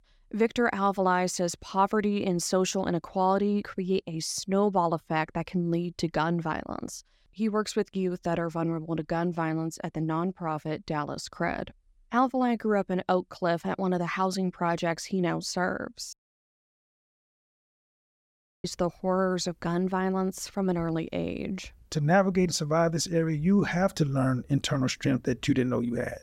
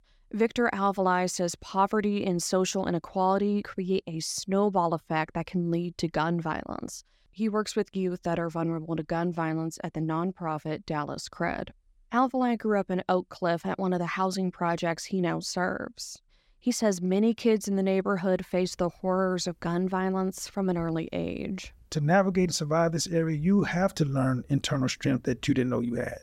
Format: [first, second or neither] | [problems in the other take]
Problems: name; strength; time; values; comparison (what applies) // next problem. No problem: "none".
second | audio cutting out; at 16 s for 2.5 s